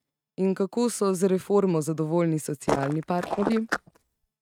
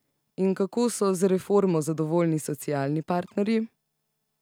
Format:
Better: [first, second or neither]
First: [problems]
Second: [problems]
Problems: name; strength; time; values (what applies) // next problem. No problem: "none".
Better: second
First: noise reduction (neural mask model RNNoise)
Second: none